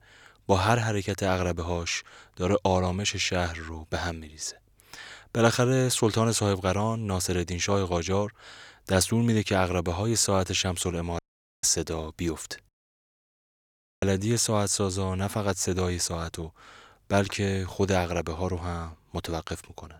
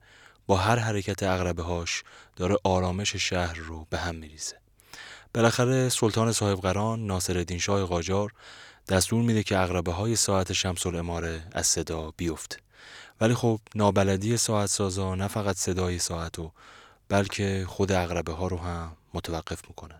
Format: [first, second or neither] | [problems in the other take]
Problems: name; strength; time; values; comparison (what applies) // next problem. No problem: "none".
second | audio cutting out; at 11 s and at 13 s for 1.5 s